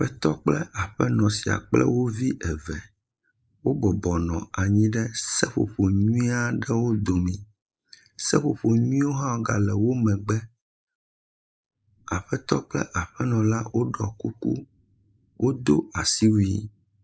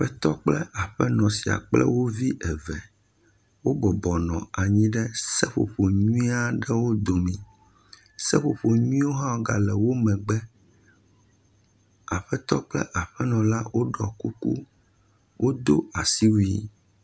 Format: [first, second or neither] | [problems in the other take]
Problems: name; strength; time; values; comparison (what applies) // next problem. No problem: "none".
second | noise reduction (neural mask model Resemble Enhance denoiser)